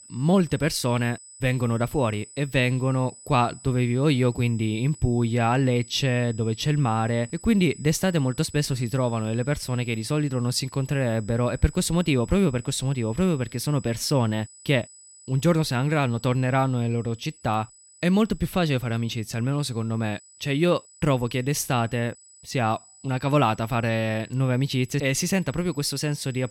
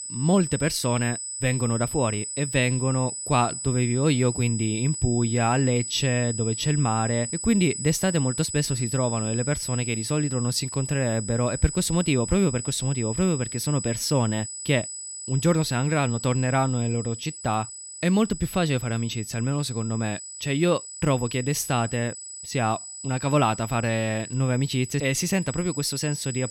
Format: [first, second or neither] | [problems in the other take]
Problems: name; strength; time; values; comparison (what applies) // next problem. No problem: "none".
first | high-pitched whine; loud; throughout; 8 kHz, 7 dB below the speech; faint in the first